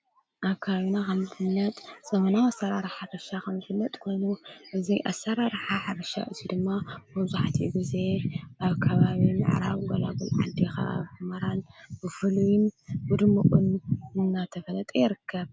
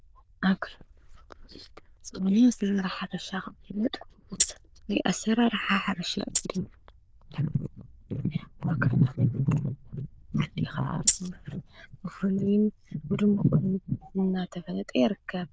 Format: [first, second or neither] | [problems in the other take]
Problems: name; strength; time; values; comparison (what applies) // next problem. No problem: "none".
first | noise reduction (neural diffusion model UNIVERSE++)